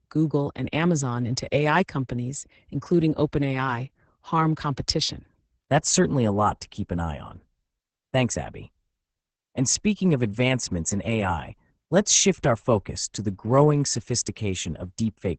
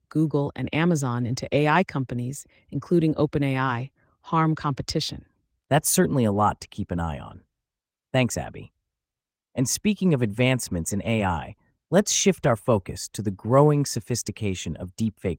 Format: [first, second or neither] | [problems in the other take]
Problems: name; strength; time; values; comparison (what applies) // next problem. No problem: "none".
second | garbled, watery; badly; nothing above 8 kHz; slightly in the second